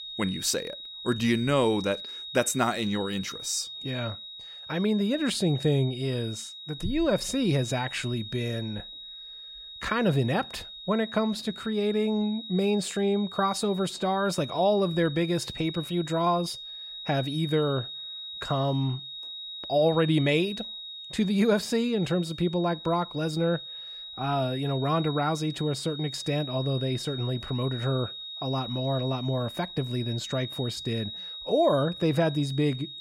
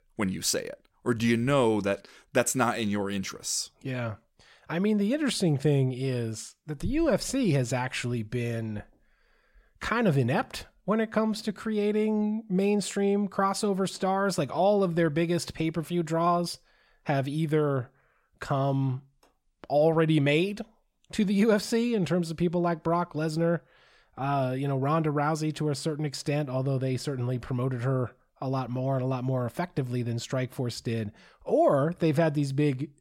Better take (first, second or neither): second